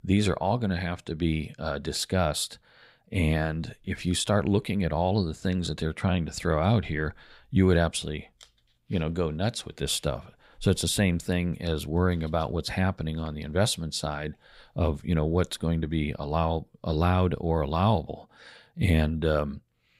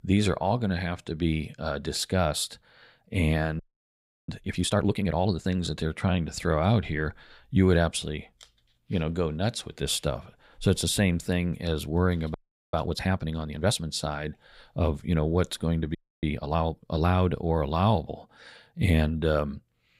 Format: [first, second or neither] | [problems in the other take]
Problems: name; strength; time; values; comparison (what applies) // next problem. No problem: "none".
first | audio freezing; at 3.5 s for 0.5 s, at 12 s and at 16 s